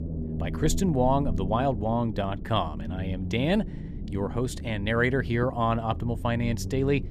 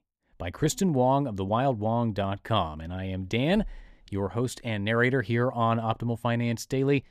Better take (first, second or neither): second